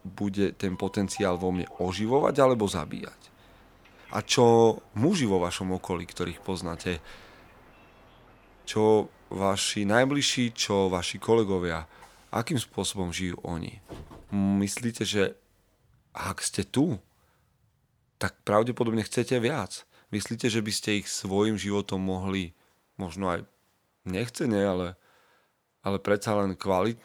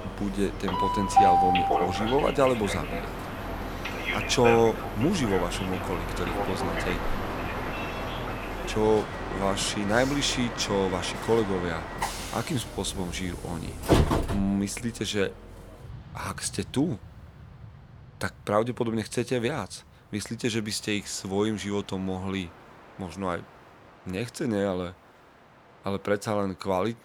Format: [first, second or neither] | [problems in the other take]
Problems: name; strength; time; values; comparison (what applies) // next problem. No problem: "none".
first | train or aircraft noise; loud; throughout; 1 dB below the speech; faint in the first